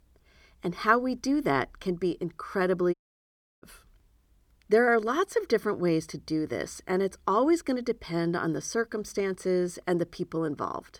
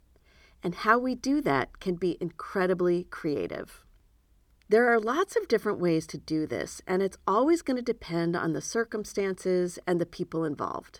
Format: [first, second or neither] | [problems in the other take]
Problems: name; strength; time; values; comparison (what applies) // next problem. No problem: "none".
second | audio cutting out; at 3 s for 0.5 s